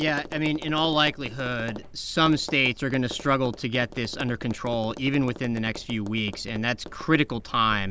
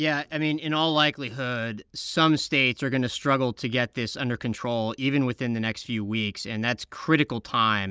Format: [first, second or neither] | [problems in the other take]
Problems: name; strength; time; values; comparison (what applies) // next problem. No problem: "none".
second | background sound (Tap); 14 dB below the speech